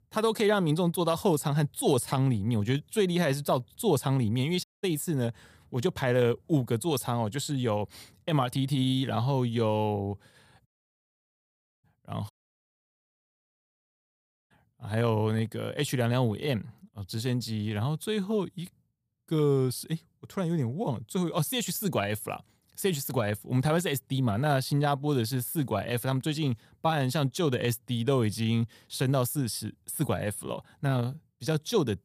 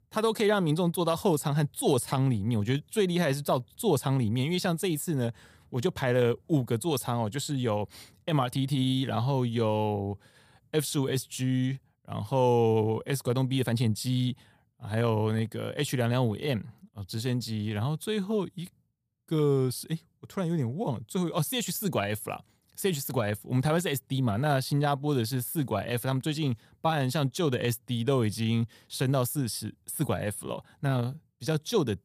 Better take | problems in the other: second | audio cutting out; at 4.5 s, at 11 s for 1 s and at 12 s for 2 s

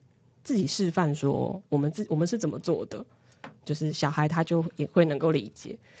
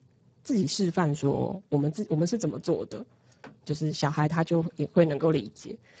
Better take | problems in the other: first | garbled, watery; badly; nothing above 7.5 kHz; slightly in the first

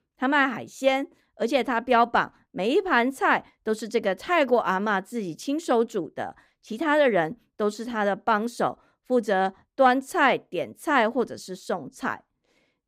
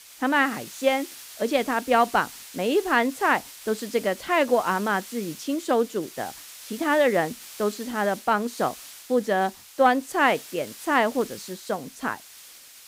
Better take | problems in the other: first | hiss; noticeable; throughout; 15 dB below the speech

